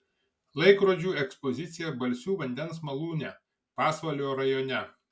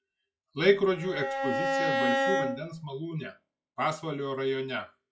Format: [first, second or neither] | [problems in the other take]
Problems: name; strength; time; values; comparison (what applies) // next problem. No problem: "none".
first | noise reduction (classical method log-MMSE)